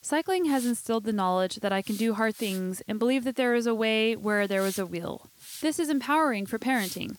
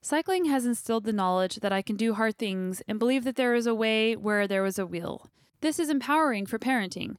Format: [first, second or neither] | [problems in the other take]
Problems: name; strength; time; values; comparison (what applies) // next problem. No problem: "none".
second | hiss; noticeable; throughout; 15 dB below the speech